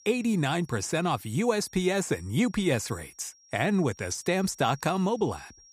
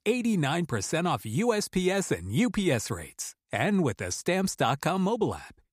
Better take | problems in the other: second | high-pitched whine; faint; throughout; 5.5 kHz, 25 dB below the speech

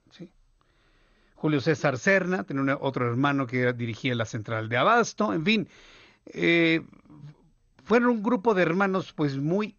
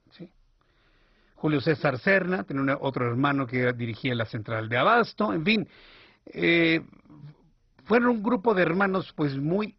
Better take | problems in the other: first | garbled, watery; badly; nothing above 5.5 kHz; slightly in the first

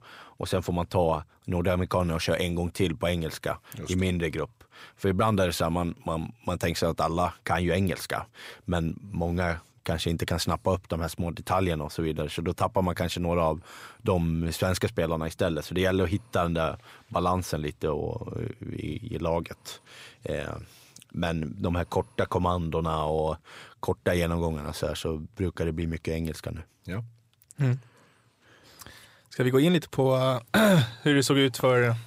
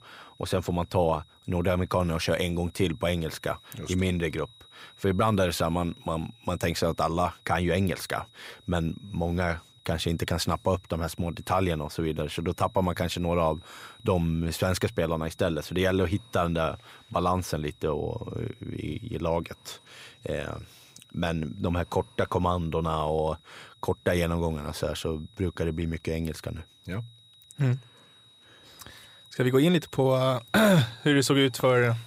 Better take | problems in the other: first | high-pitched whine; faint; throughout; 4 kHz, 25 dB below the speech

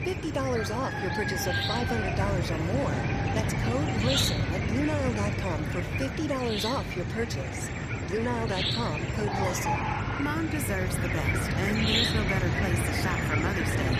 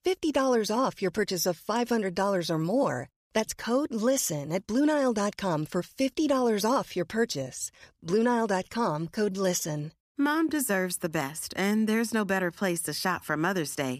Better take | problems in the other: second | animal sounds; very loud; throughout; 4 dB above the speech

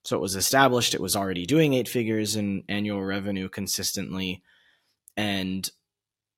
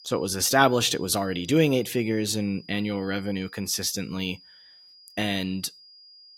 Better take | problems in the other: first | high-pitched whine; faint; throughout; 5 kHz, 25 dB below the speech

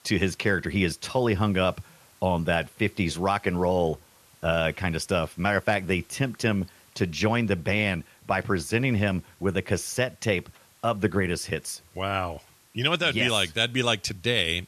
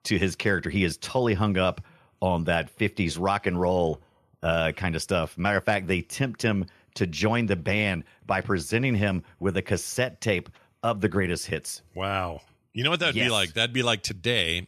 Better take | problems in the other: second | hiss; faint; throughout; 30 dB below the speech

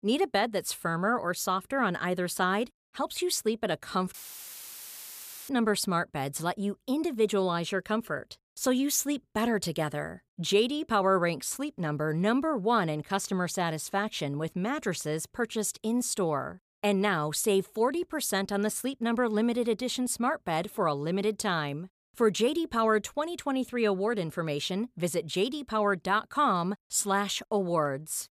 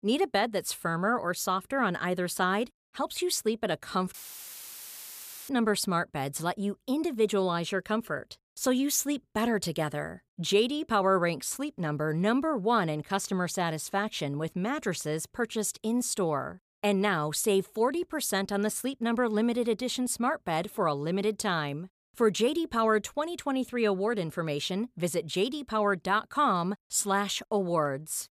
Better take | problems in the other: neither | audio cutting out; filled with static; at 4 s for 1.5 s; the same in both

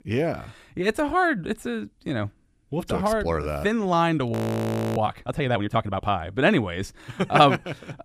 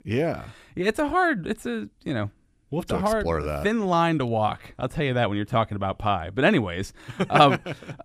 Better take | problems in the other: second | audio freezing; at 4.5 s for 0.5 s

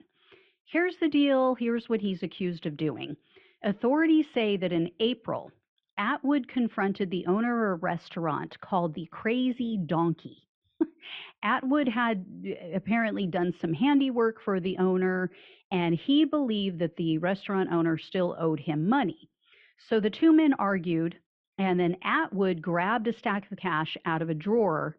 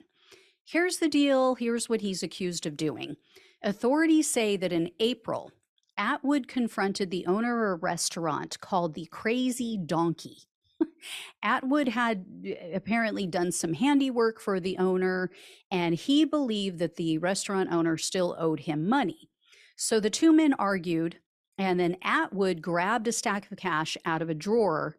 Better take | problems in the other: second | muffled; very; fading above 3 kHz

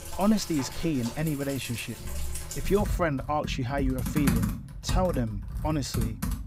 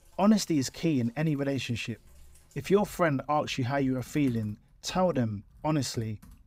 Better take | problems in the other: second | household noises; loud; throughout; 5 dB below the speech; faint in the second

